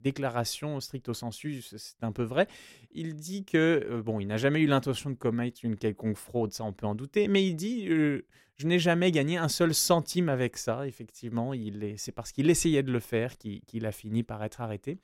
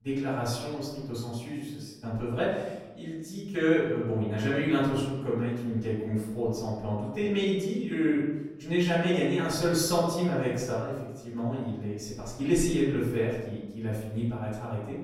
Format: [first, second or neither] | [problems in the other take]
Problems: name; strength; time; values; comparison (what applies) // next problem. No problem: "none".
first | off-mic speech; far // room echo; noticeable; dies away in 1 s